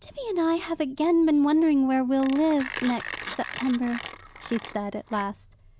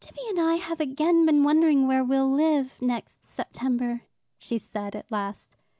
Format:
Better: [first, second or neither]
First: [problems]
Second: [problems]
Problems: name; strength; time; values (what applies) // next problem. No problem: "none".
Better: second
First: background sound (Mechanisms); 15 dB below the speech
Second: none